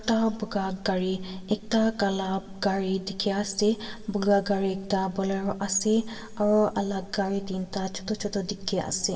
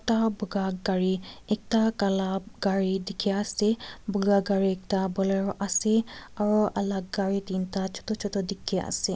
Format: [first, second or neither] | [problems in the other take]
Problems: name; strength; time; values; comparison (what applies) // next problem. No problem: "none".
second | room echo; dies away in 1.6 s